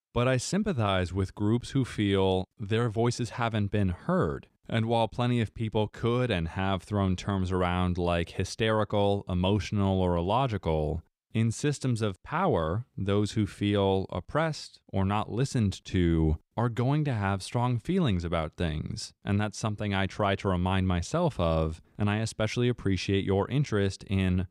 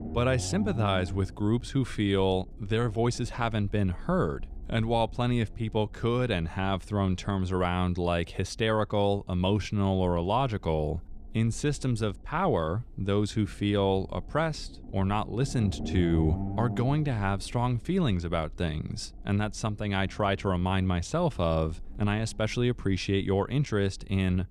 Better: first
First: none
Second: low rumble; noticeable; throughout; 20 dB below the speech

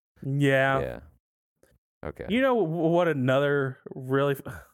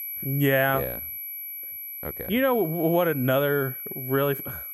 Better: first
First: none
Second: high-pitched whine; loud; throughout; 11.5 kHz, 8 dB below the speech

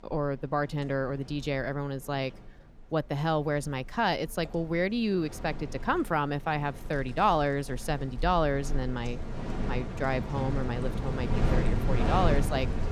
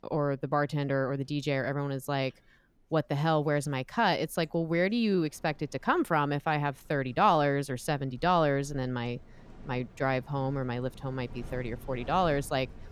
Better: second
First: wind in the background; loud; throughout; 4 dB below the speech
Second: wind in the background; faint; throughout; 20 dB below the speech

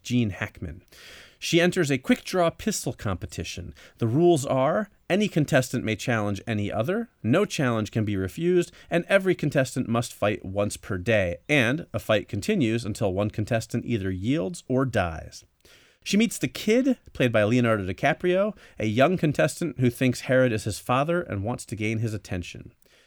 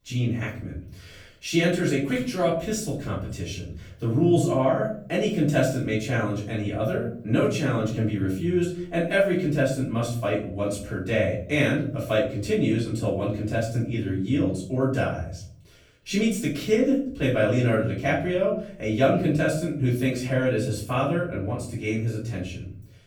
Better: first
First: none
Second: off-mic speech; far // room echo; noticeable; dies away in 0.6 s

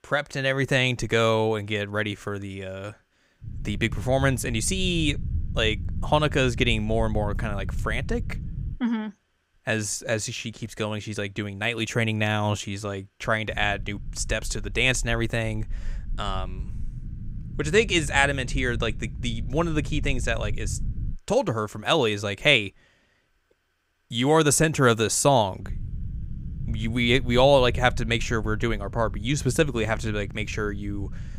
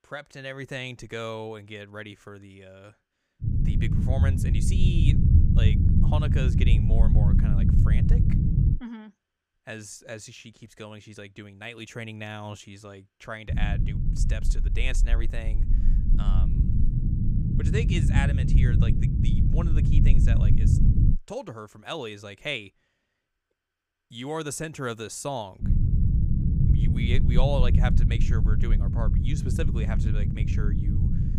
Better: first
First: low rumble; faint; from 3.5 to 9 s, from 14 to 21 s and from 26 s on; 25 dB below the speech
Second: low rumble; loud; from 3.5 to 9 s, from 14 to 21 s and from 26 s on; 1 dB below the speech

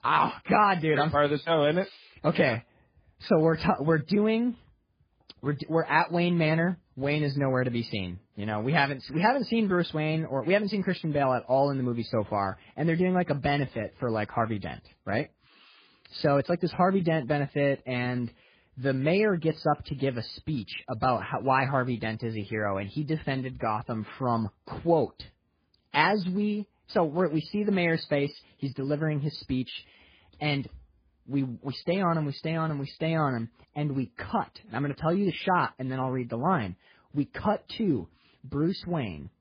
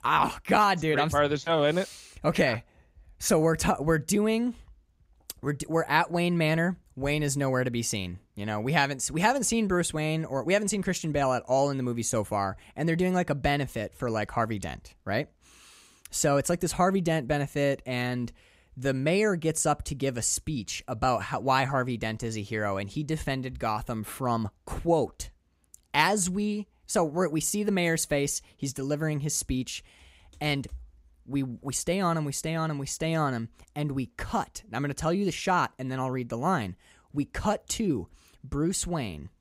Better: second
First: garbled, watery; badly; nothing above 5 kHz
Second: none

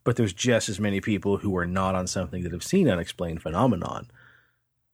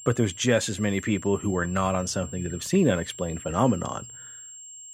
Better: first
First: none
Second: high-pitched whine; noticeable; throughout; 7.5 kHz, 15 dB below the speech

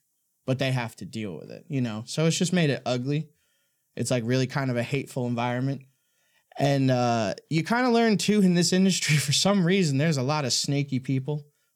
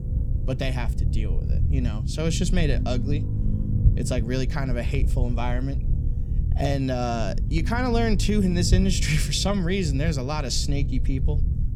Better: first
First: none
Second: low rumble; noticeable; throughout; 10 dB below the speech

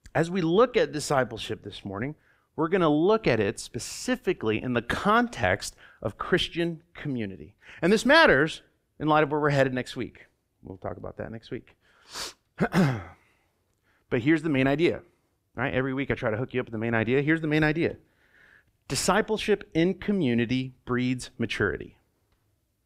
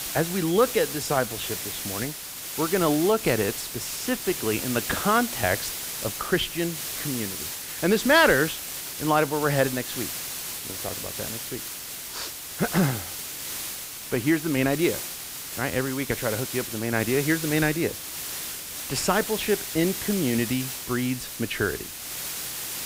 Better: first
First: none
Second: hiss; loud; throughout; 6 dB below the speech

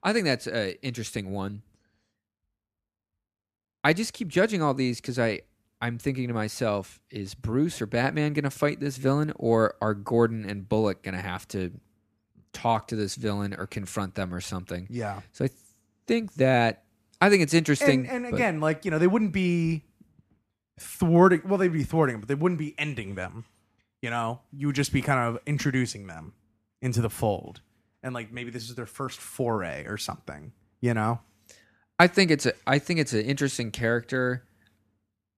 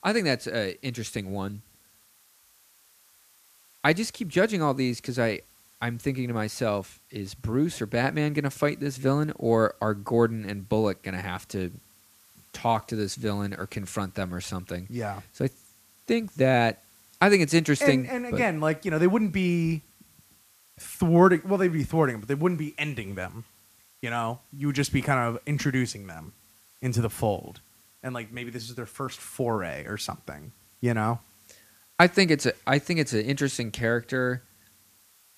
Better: first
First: none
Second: hiss; faint; throughout; 30 dB below the speech

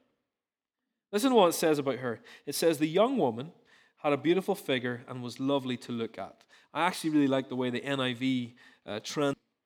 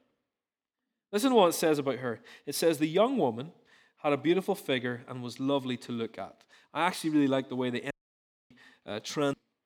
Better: first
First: none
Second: audio cutting out; at 8 s for 0.5 s

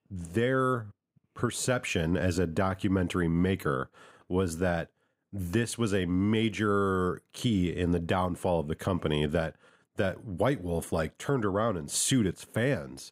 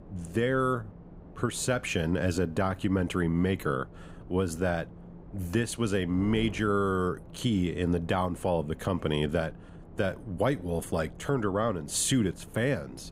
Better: first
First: none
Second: wind noise on the microphone; occasional gusts; 25 dB below the speech

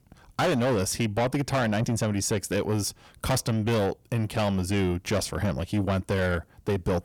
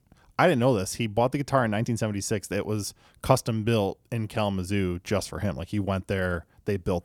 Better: second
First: distortion; heavy; 7 dB below the speech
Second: none

